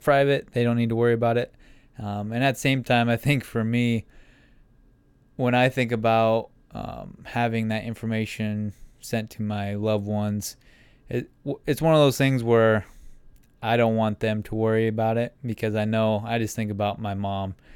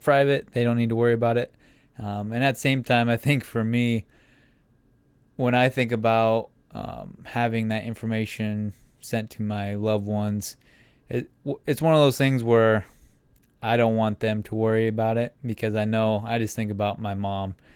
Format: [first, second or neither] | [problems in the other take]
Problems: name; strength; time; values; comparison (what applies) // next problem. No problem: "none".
first | garbled, watery; slightly; nothing above 17.5 kHz